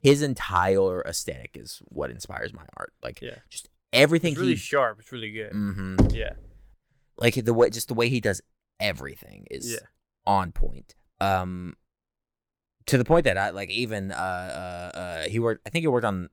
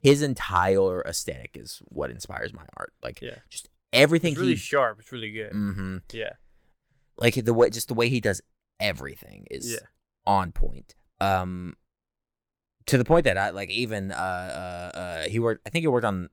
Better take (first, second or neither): second